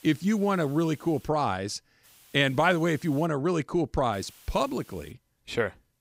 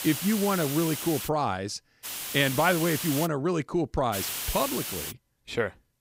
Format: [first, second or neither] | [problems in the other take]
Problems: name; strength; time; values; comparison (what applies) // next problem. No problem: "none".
first | hiss; loud; until 1.5 s, from 2 to 3.5 s and at 4 s; 5 dB below the speech; faint in the first